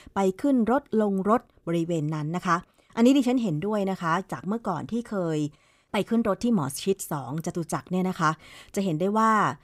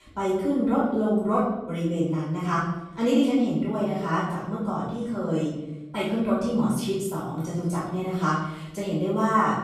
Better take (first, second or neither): first